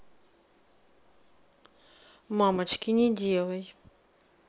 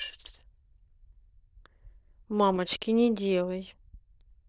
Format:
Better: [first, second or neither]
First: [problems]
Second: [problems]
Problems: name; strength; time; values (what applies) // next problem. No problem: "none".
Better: first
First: none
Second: noise reduction (neural diffusion model UNIVERSE++)